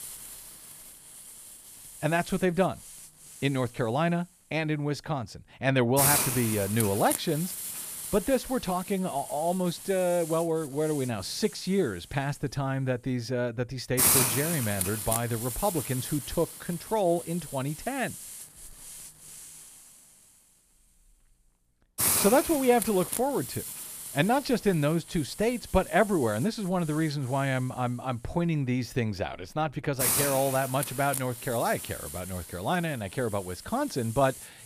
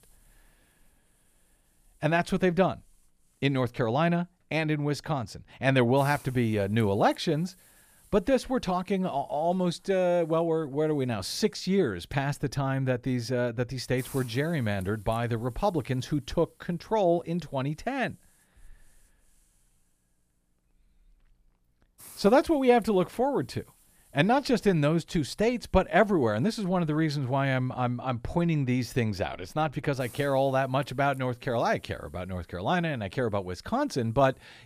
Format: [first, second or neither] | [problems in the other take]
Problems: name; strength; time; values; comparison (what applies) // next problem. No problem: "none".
second | hiss; loud; throughout; 3 dB below the speech; faint in the second